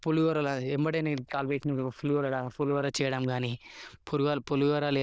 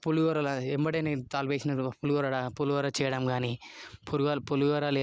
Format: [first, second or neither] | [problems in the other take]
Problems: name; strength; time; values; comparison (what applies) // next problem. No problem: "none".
second | noise reduction (neural diffusion model UNIVERSE++)